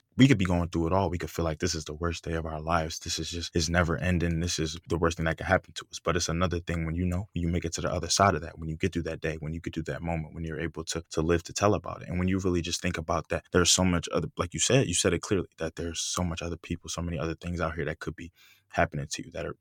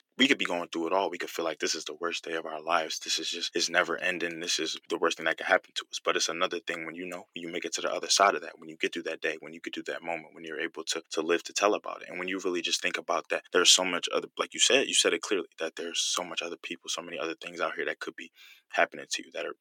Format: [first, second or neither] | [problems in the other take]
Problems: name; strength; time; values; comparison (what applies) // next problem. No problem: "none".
first | thin; somewhat; fading below 300 Hz